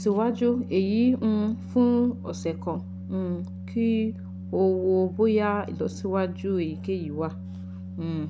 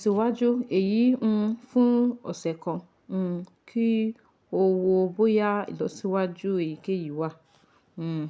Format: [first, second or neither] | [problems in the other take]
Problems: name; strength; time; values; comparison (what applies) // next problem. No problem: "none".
second | background sound (Organ); 11 dB below the speech